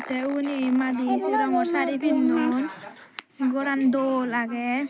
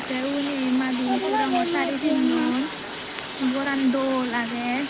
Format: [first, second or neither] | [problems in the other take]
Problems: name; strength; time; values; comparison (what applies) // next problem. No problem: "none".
first | background sound (Bathtub (filling or washing)); 10 dB below the speech